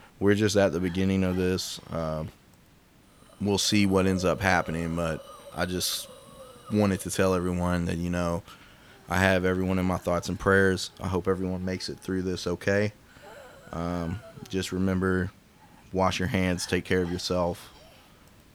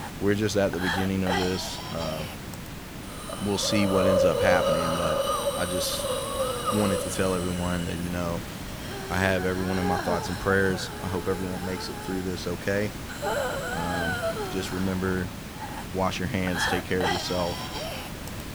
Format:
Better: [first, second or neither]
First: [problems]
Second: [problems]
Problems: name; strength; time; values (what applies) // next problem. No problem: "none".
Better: first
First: hiss; faint; throughout; 25 dB below the speech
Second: hiss; loud; throughout; 2 dB below the speech